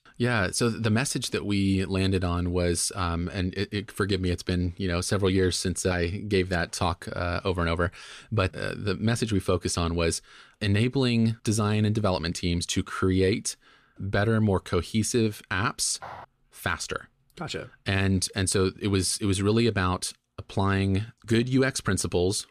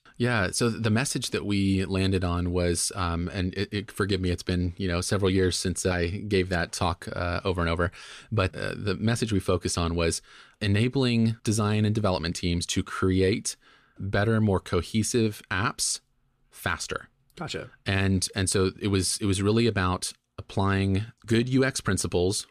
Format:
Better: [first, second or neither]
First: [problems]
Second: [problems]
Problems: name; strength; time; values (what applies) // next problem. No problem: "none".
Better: second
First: footsteps; faint; at 16 s; peak 15 dB below the speech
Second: none